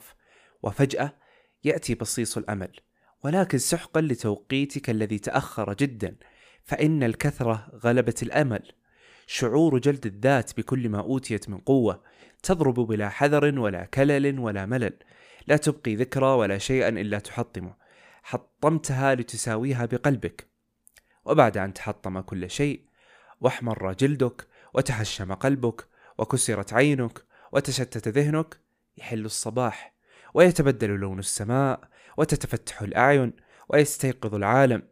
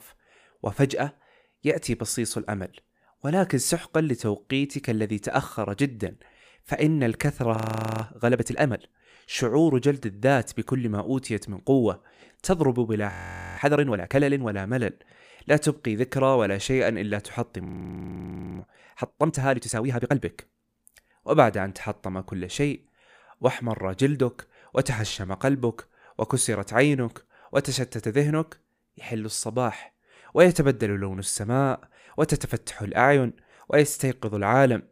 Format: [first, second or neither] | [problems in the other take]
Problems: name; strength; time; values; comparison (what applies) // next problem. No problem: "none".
first | audio freezing; at 7.5 s, at 13 s and at 18 s for 1 s